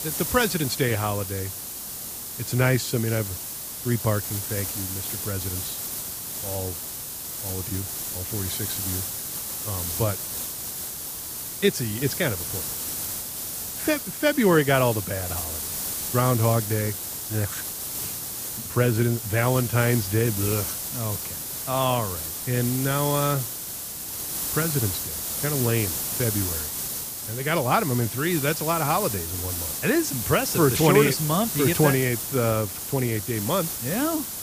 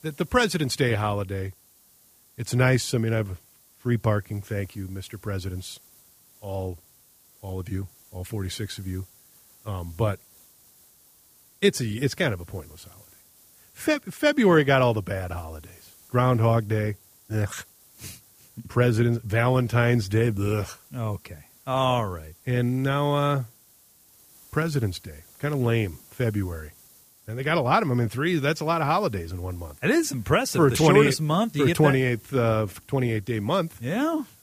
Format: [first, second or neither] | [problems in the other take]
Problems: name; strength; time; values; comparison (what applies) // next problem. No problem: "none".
second | hiss; loud; throughout; 3 dB below the speech; faint in the second